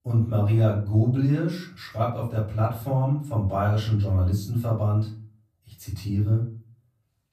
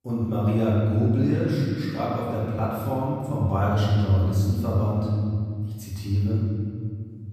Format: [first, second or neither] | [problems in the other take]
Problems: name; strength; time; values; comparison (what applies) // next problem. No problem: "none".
first | room echo; strong; dies away in 2.3 s; slight in the first // off-mic speech; far; far in the first